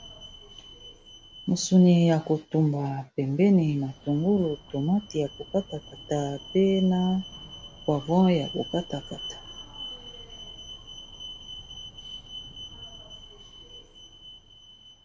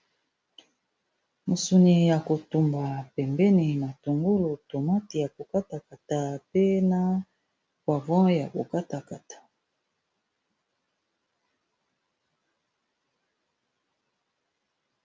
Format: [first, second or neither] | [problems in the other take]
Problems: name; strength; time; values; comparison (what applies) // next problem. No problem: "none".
second | background sound (Alarm); 17 dB below the speech